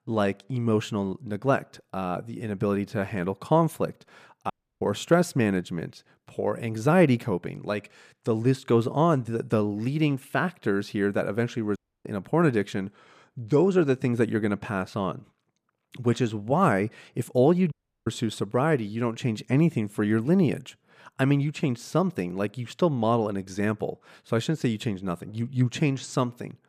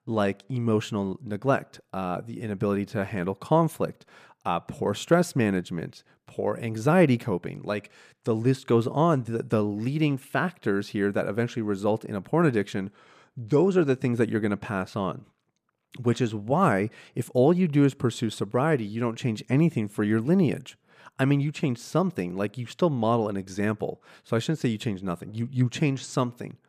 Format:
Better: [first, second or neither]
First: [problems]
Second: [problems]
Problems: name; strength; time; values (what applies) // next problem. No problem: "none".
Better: second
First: audio cutting out; at 4.5 s, at 12 s and at 18 s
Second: none